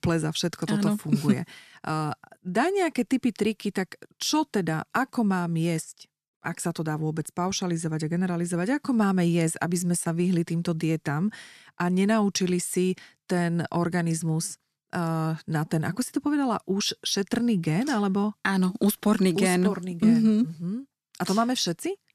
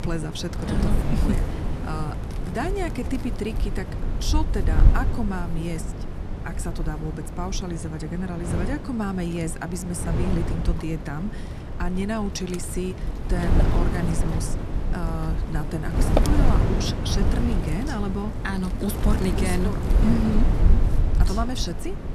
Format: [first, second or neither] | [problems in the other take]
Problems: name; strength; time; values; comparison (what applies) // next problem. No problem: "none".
first | wind noise on the microphone; heavy; 2 dB below the speech